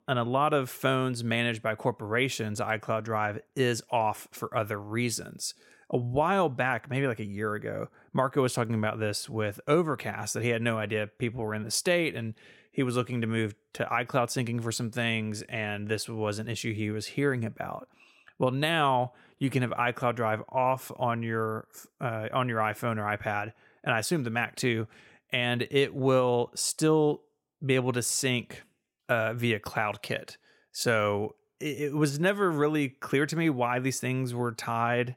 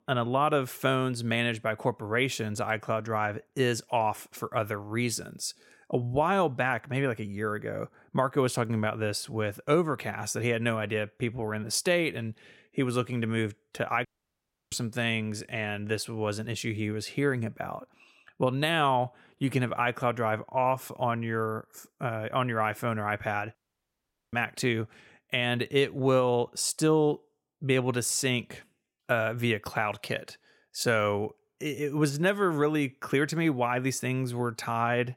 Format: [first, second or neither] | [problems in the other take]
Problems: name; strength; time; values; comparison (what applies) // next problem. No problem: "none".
first | audio cutting out; at 14 s for 0.5 s and at 24 s for 1 s